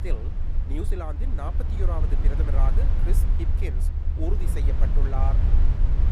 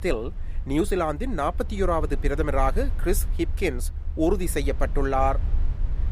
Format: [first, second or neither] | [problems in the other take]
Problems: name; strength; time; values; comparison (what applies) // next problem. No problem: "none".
second | low rumble; loud; throughout; 4 dB below the speech; faint in the second